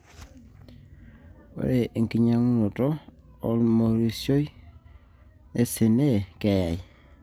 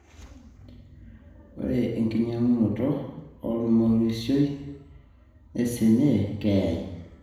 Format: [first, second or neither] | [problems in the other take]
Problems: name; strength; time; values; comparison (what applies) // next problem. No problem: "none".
first | room echo; dies away in 1 s